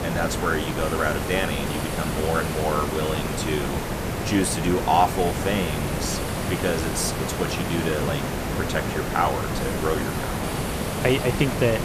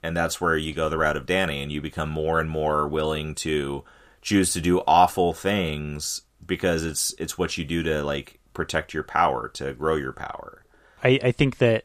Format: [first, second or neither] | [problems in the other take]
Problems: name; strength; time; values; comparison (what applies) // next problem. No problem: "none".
second | hiss; loud; throughout; 1 dB below the speech